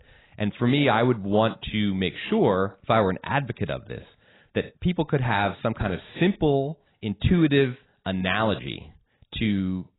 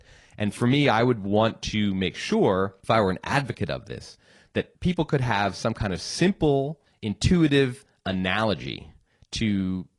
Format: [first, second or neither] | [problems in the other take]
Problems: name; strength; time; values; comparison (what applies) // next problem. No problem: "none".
second | garbled, watery; badly; nothing above 4 kHz; slightly in the second